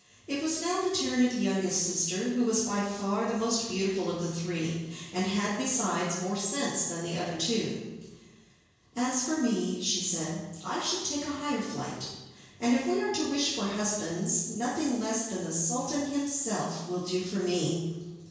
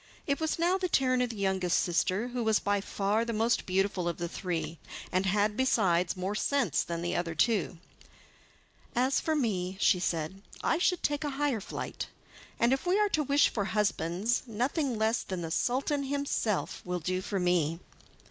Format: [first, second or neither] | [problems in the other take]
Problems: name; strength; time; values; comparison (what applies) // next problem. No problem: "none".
second | room echo; dies away in 1 s